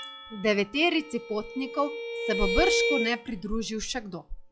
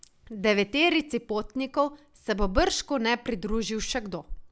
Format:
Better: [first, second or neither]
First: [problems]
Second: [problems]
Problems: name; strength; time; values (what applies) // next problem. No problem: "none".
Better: second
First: noise reduction (classical method log-MMSE)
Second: none